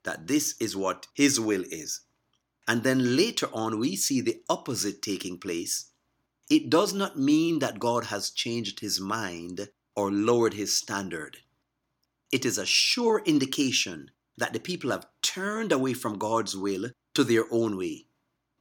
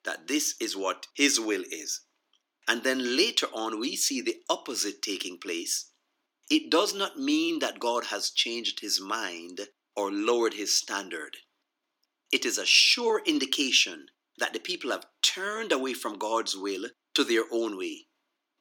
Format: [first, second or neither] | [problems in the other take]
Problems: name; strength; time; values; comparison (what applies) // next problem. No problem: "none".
first | thin; very slightly; fading below 300 Hz